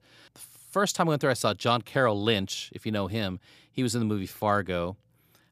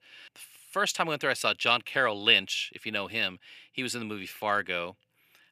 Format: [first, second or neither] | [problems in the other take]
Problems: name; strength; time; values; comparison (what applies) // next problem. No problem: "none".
first | thin; somewhat; fading below 450 Hz